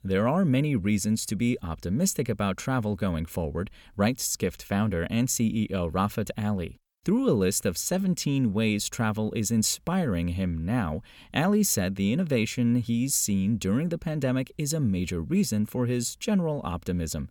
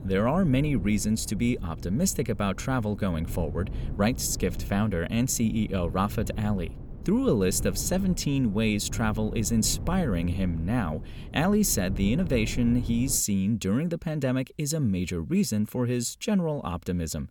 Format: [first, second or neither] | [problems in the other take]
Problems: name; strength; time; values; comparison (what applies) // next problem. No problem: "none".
first | wind noise on the microphone; occasional gusts; until 13 s; 15 dB below the speech